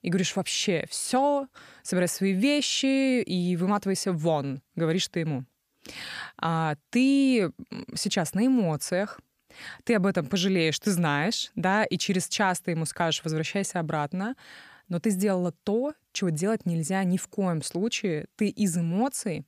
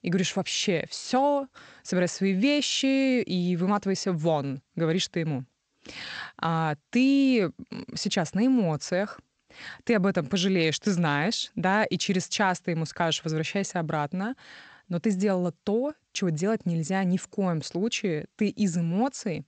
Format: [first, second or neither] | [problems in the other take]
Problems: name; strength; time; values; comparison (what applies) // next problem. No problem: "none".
first | garbled, watery; slightly; nothing above 8 kHz